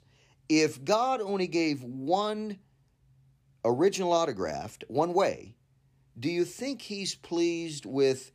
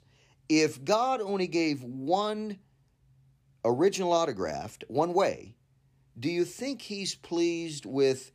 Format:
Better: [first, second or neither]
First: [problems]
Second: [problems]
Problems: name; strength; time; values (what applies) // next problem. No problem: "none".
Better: neither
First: none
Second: none